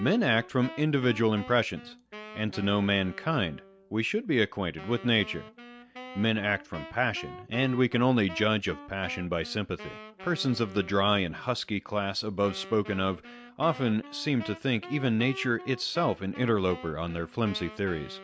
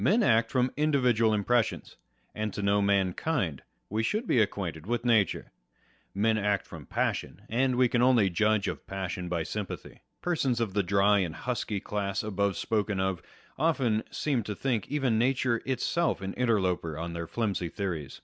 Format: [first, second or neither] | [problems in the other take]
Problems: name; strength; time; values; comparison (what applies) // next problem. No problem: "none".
second | background sound (Wind instrument, woodwind instrument); 17 dB below the speech